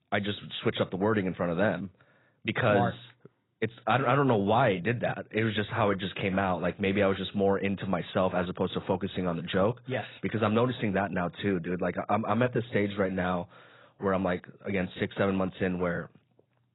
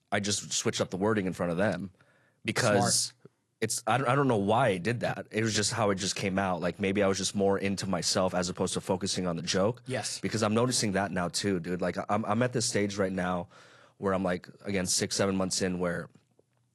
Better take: second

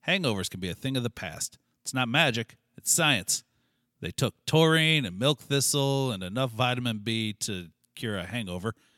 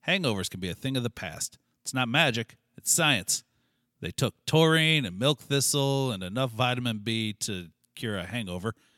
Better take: neither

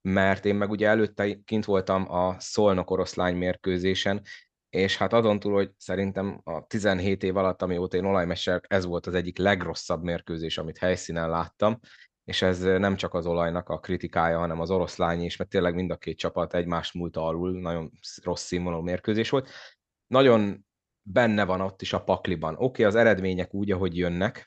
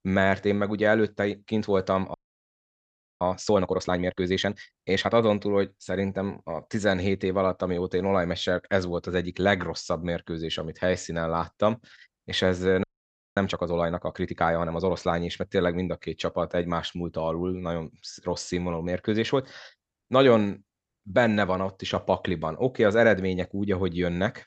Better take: first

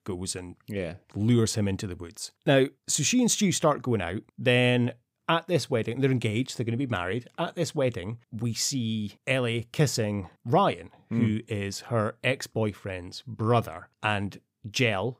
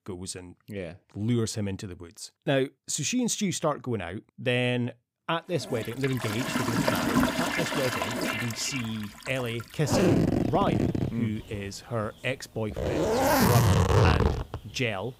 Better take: first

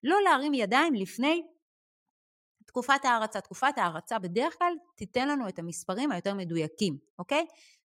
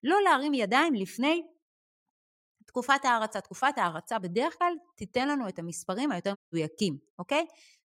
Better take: first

